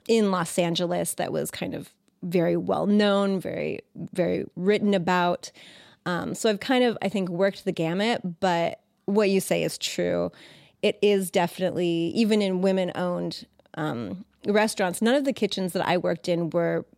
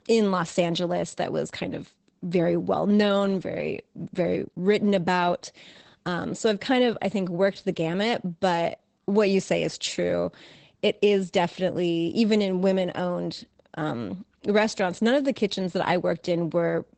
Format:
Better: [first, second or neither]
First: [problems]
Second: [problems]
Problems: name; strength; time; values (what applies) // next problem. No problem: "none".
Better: first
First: none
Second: garbled, watery; badly; nothing above 8 kHz